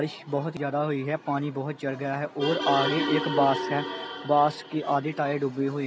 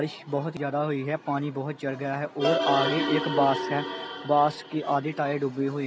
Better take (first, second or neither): first